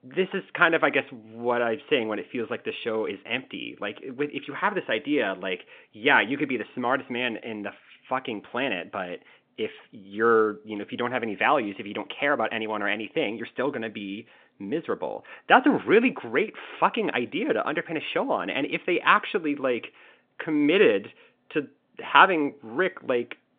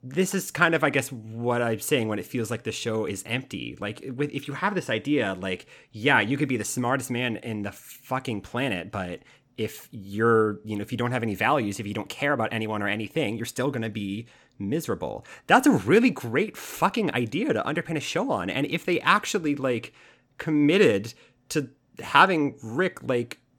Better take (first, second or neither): second